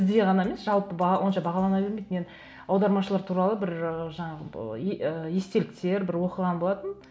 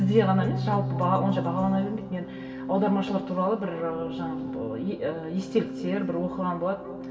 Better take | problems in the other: first | background sound (Organ); 6 dB below the speech // room echo; dies away in 2.4 s

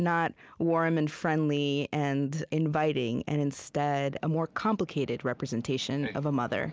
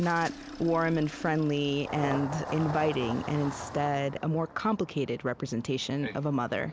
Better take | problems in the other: first | background sound (Engine starting); 12 dB below the speech

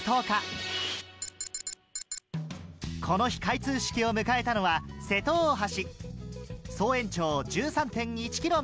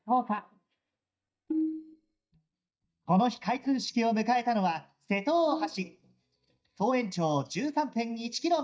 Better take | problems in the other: first | noise reduction (neural mask model DeepFilterNet 3)

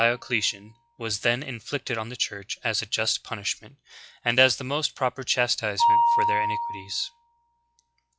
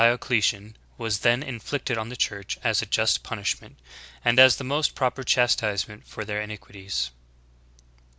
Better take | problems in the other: second | noise reduction (classical method log-MMSE)

